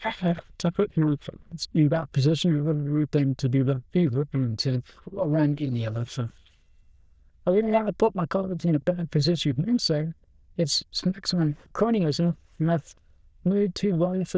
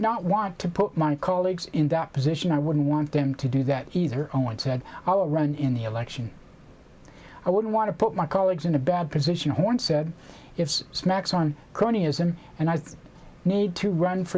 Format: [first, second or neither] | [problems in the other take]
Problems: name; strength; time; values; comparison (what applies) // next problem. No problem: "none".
second | noise reduction (neural diffusion model UNIVERSE++)